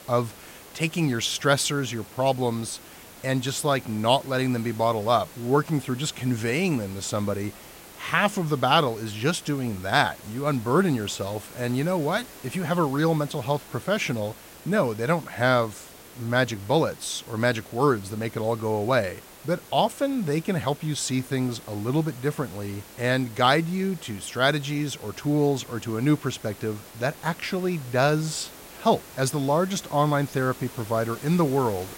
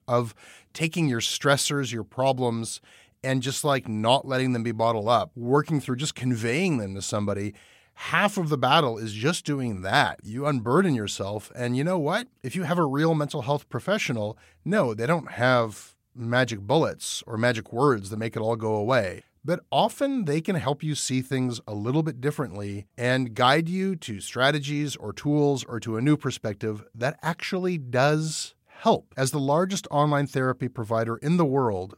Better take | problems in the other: second | hiss; noticeable; throughout; 20 dB below the speech

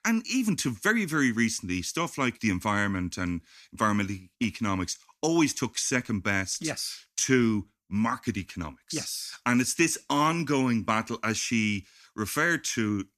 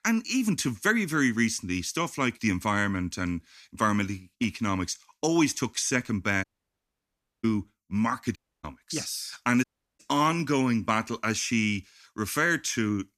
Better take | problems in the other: first | audio cutting out; at 6.5 s for 1 s, at 8.5 s and at 9.5 s

